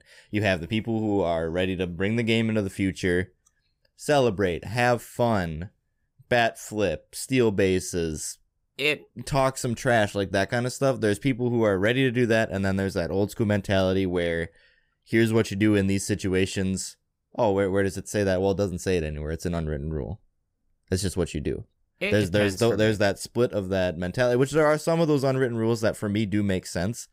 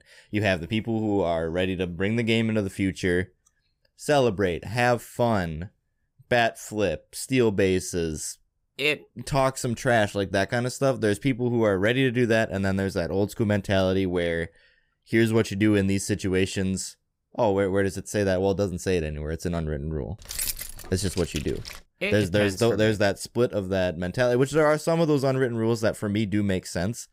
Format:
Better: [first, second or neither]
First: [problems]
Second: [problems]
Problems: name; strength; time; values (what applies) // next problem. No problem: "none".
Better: first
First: none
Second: jangling keys; noticeable; from 20 to 22 s; peak 3 dB below the speech